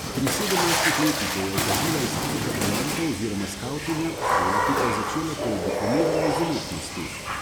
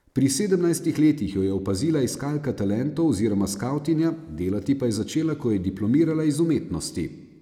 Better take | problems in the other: second | background sound (Water / Splash, splatter); 3 dB above the speech

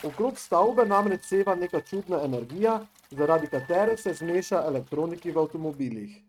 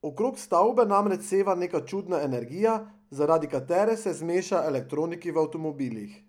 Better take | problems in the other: second | noise reduction (neural mask model RNNoise)

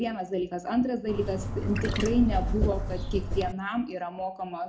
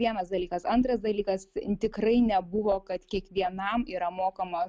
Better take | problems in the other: second | background sound (Trickle, dribble / Chirp, tweet); as loud as the speech // room echo; dies away in 0.4 s

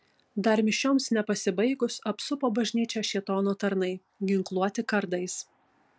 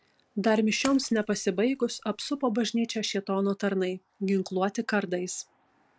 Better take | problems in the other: first | background sound (Splash, splatter); 18 dB below the speech

